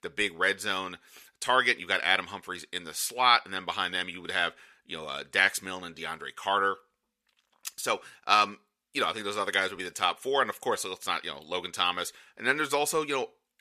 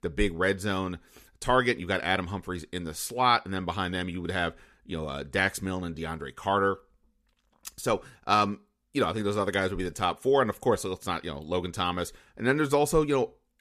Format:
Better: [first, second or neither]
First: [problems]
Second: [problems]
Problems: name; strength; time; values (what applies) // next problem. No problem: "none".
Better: second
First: thin; somewhat; fading below 1 kHz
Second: none